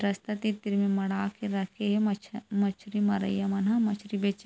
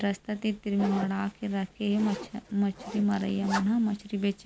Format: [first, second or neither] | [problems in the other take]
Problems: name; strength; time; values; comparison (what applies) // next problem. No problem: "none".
first | background sound (Zipper (clothing)); 12 dB below the speech